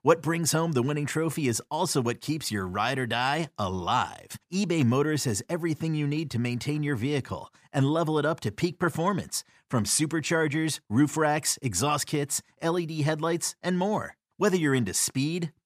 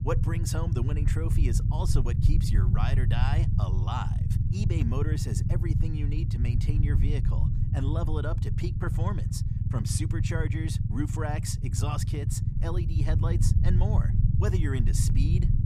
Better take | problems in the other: first | low rumble; loud; throughout; 3 dB below the speech

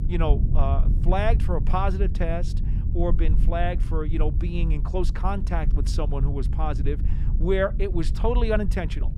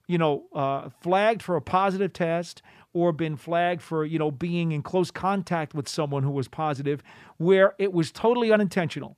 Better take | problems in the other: second | low rumble; noticeable; throughout; 15 dB below the speech

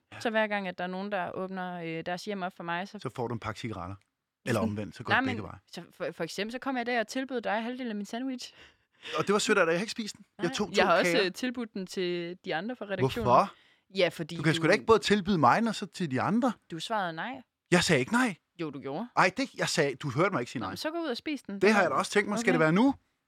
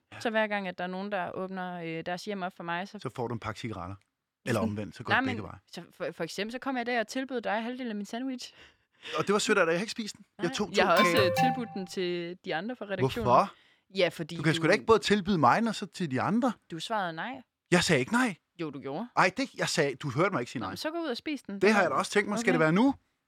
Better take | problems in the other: first | alarm; loud; at 11 s; peak 2 dB above the speech

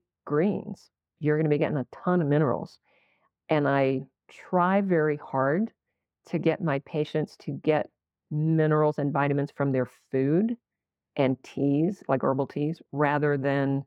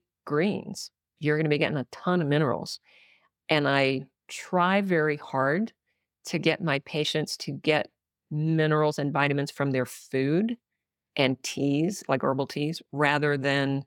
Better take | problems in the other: second | muffled; very; fading above 2.5 kHz

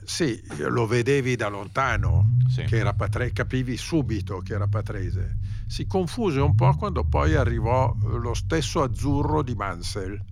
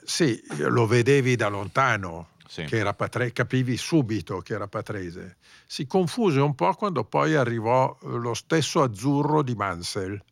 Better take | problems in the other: second | low rumble; noticeable; throughout; 15 dB below the speech

